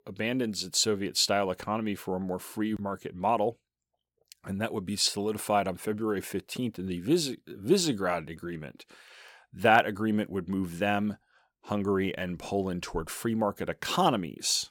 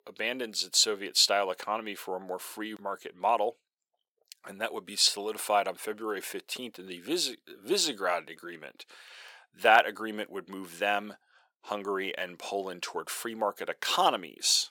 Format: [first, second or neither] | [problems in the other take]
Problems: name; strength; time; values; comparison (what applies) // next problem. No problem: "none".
first | thin; somewhat; fading below 500 Hz